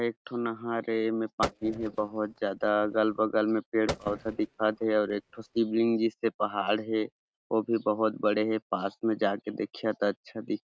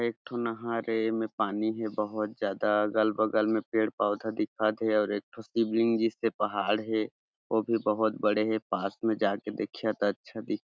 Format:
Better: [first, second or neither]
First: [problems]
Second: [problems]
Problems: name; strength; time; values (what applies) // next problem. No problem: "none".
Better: second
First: noise reduction (neural mask model RNNoise)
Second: none